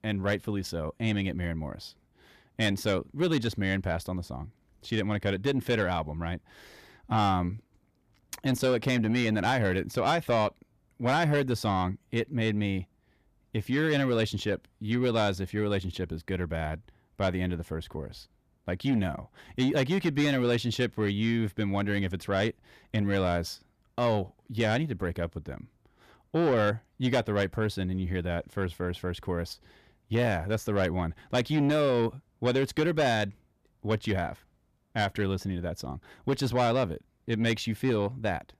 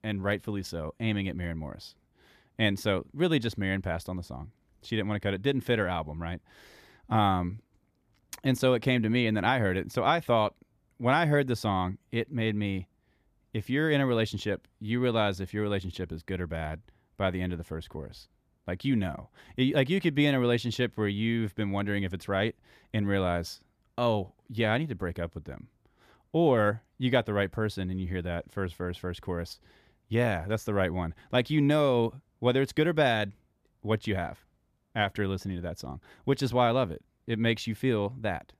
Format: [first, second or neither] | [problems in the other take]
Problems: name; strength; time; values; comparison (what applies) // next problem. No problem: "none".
second | distortion; slight; 10 dB below the speech